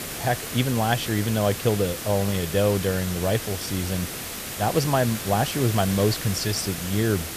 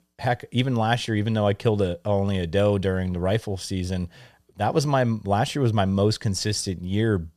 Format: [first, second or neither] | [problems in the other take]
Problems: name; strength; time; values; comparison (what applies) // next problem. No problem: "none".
second | hiss; loud; throughout; 6 dB below the speech